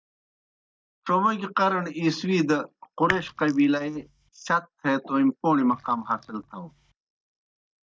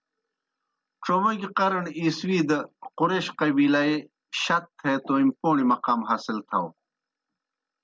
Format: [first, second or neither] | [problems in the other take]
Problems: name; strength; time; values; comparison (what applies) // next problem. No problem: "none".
second | noise reduction (neural mask model DeepFilterNet 3)